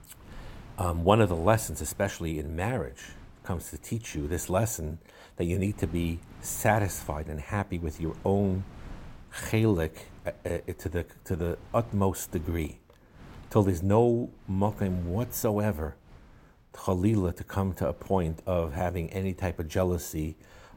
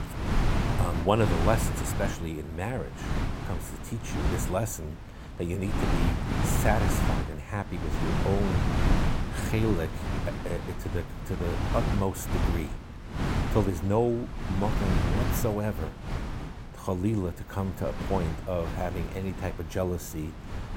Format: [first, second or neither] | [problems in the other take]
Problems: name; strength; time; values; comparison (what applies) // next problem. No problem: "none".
first | wind noise on the microphone; heavy; 3 dB below the speech; occasional gusts in the first